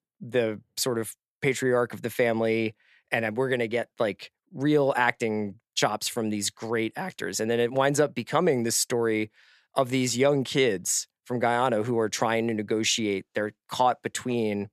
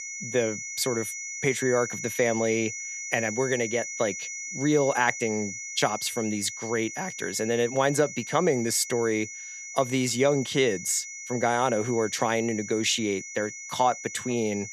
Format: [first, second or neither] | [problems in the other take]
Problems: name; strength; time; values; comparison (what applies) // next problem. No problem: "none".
first | high-pitched whine; loud; throughout; 2 kHz, 8 dB below the speech